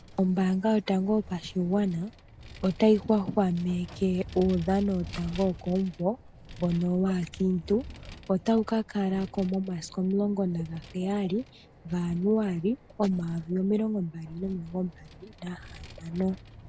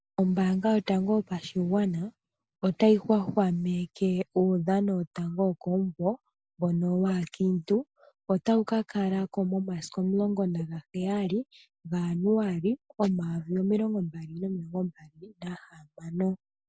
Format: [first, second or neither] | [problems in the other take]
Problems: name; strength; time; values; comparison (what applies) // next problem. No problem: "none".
second | background sound (Vehicle); 18 dB below the speech